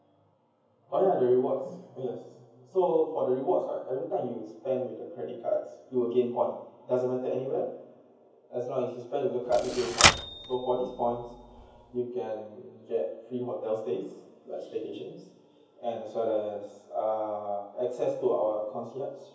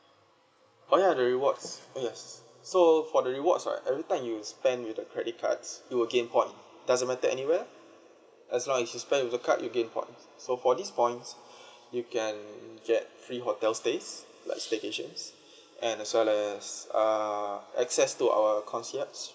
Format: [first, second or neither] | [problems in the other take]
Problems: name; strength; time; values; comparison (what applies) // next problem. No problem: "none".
second | background sound (Typewriter); 2 dB above the speech // room echo; dies away in 0.9 s